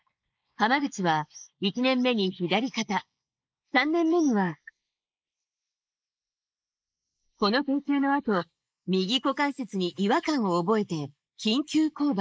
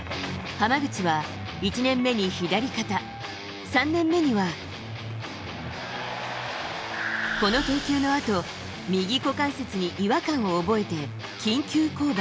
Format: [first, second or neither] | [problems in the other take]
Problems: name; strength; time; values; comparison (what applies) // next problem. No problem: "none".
second | noise reduction (neural mask model Resemble Enhance denoiser)